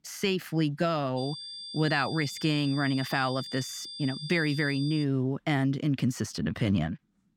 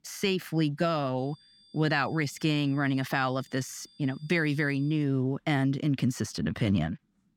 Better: second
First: high-pitched whine; loud; from 1 to 5 s; 5 kHz, 10 dB below the speech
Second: high-pitched whine; faint; from 1 to 5 s; 5 kHz, 30 dB below the speech

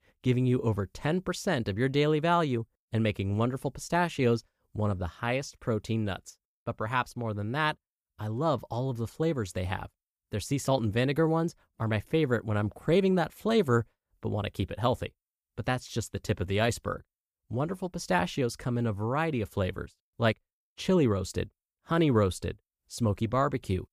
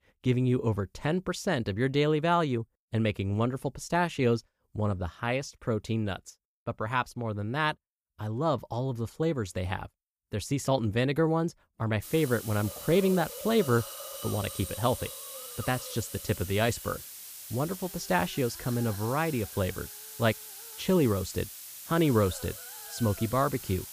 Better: first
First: none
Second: hiss; noticeable; from 12 s on; 10 dB below the speech

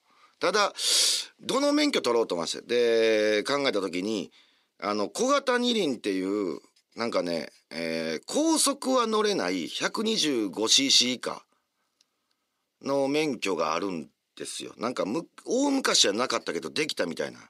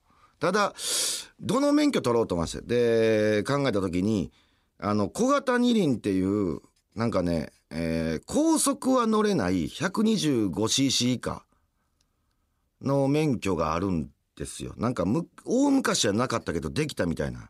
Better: second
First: thin; very slightly; fading below 350 Hz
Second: none

